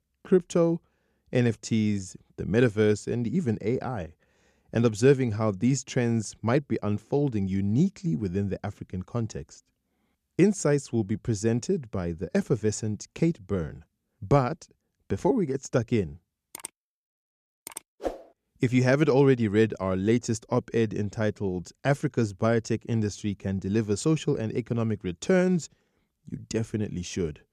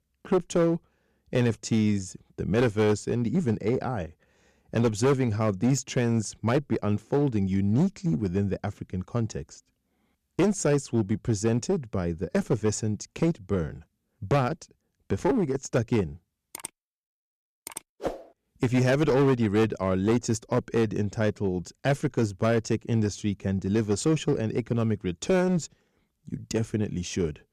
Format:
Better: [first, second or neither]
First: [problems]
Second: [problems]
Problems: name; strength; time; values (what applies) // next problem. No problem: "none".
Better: first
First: none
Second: distortion; slight; 8% of the sound clipped